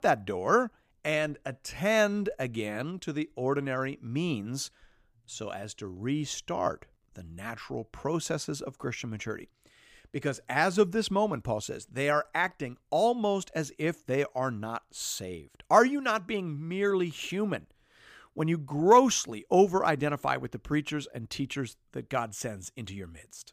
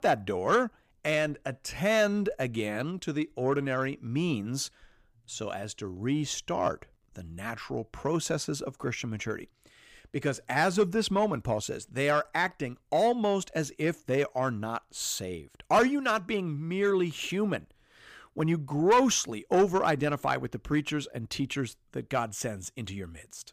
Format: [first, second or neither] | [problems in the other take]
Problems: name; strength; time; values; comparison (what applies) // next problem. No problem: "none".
first | distortion; slight; 10 dB below the speech